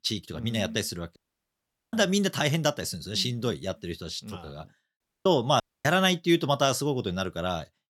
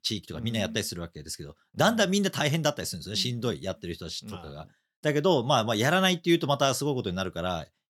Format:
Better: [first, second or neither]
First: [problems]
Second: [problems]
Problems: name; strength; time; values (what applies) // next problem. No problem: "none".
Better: second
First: audio cutting out; at 1 s for 1 s, at 5 s and at 5.5 s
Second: none